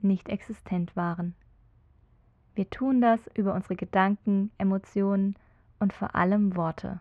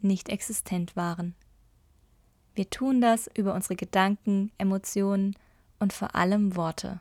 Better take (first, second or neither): second